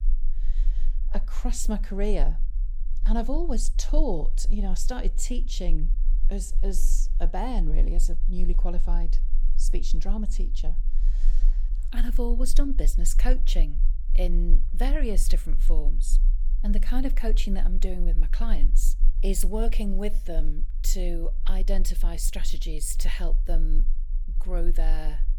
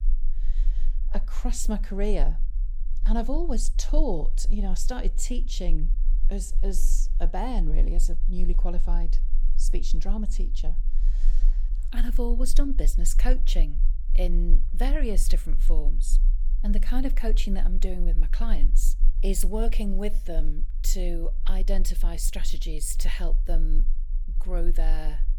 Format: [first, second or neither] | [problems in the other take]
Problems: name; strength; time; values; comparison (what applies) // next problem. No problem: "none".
neither | low rumble; faint; throughout; 20 dB below the speech; the same in both